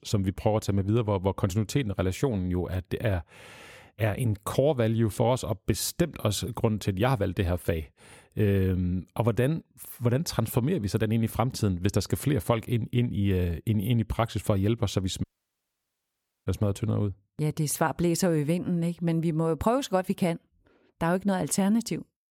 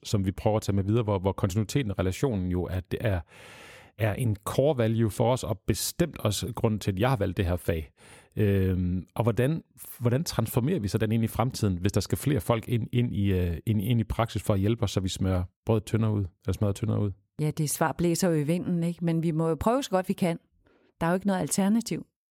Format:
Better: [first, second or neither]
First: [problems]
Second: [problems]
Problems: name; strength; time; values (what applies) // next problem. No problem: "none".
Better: second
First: audio cutting out; at 15 s for 1 s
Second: none